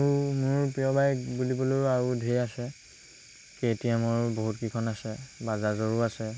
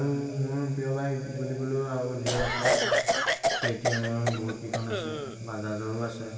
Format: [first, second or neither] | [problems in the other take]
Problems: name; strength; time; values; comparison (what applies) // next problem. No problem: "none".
first | background sound (Cough); 3 dB above the speech // room echo; dies away in 2.5 s